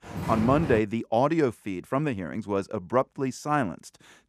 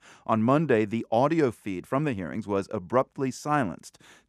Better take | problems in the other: second | footsteps; noticeable; at the start; peak 4 dB below the speech

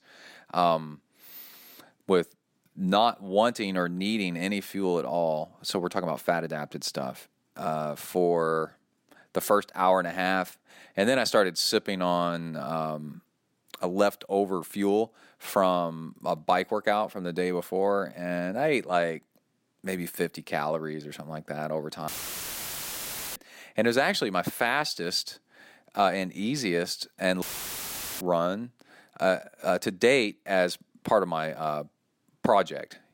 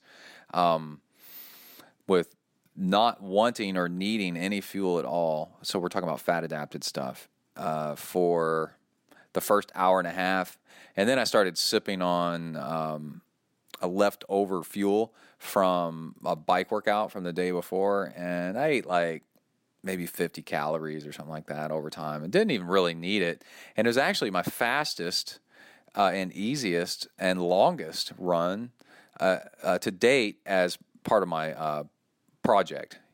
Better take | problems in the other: second | audio cutting out; filled with static; at 22 s for 1.5 s and at 27 s for 1 s

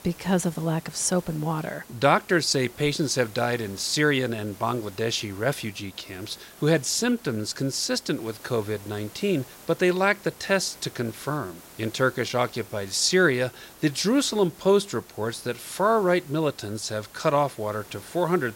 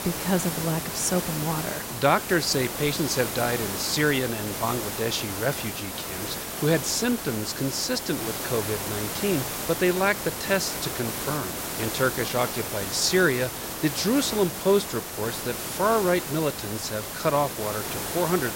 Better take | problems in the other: first | hiss; loud; throughout; 4 dB below the speech; faint in the first

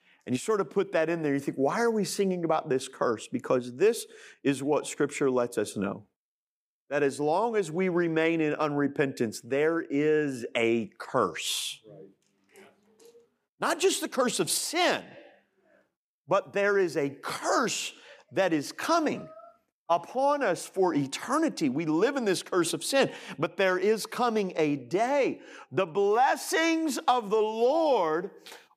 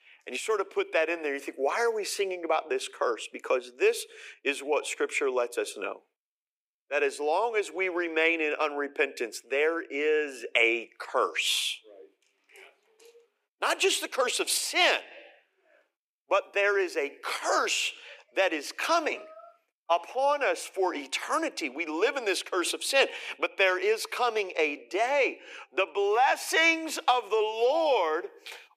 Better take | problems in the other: first | thin; somewhat; fading below 350 Hz

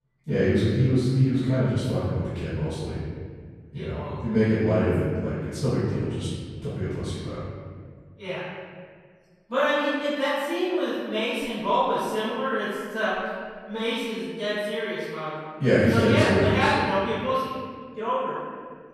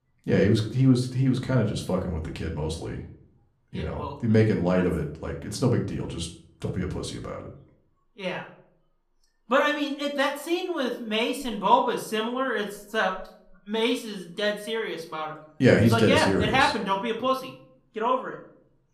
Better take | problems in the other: second | room echo; strong; dies away in 1.8 s; slight in the second // off-mic speech; far; somewhat distant in the second

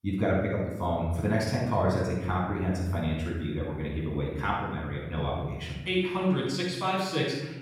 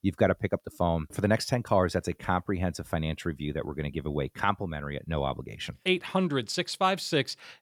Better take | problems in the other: second | off-mic speech; far // room echo; strong; dies away in 1.3 s

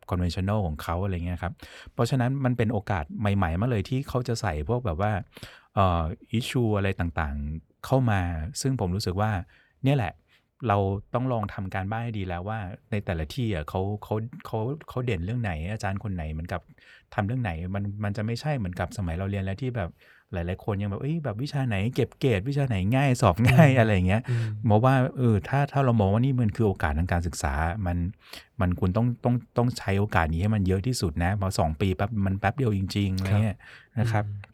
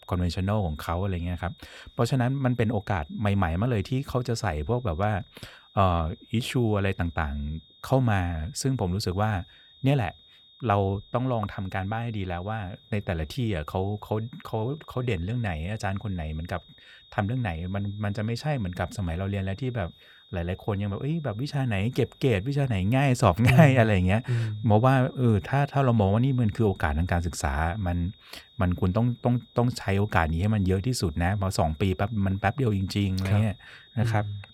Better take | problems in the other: first | high-pitched whine; faint; throughout; 3.5 kHz, 25 dB below the speech

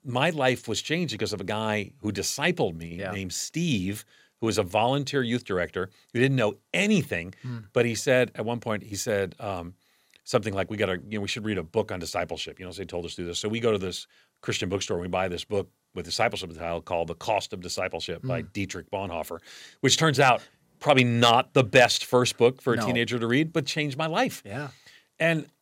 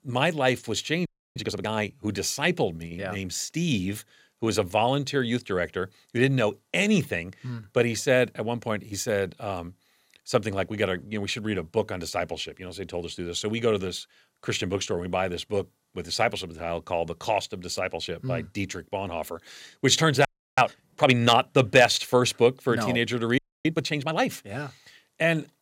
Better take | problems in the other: first | audio freezing; at 1 s, at 20 s and at 23 s

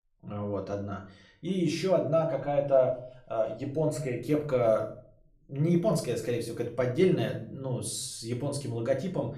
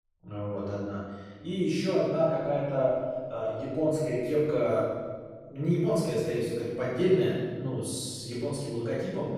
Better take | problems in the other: first | room echo; strong; dies away in 1.4 s; slight in the first // off-mic speech; far; far in the first

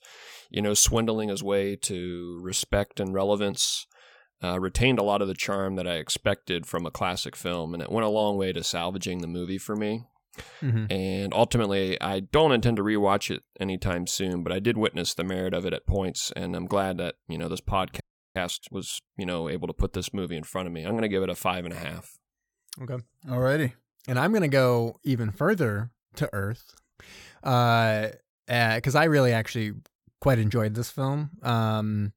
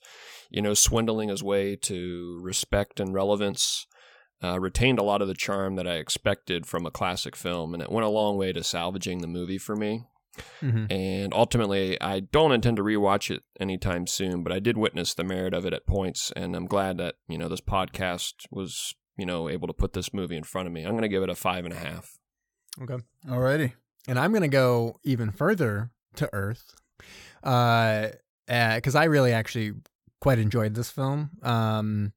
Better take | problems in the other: second | audio freezing; at 18 s

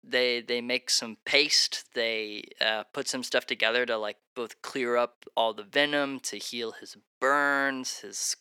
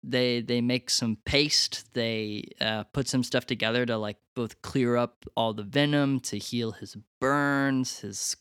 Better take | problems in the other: second | thin; somewhat; fading below 500 Hz

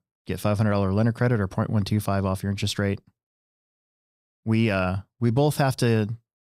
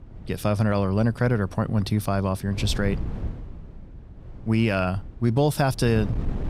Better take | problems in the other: first | wind noise on the microphone; occasional gusts; 20 dB below the speech

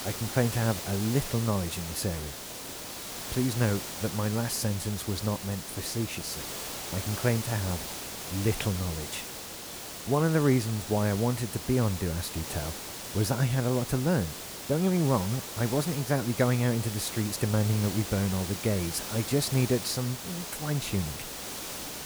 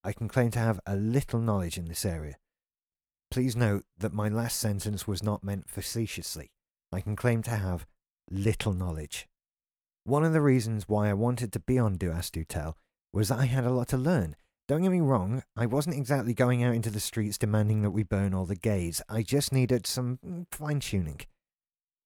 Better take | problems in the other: second | hiss; loud; throughout; 7 dB below the speech

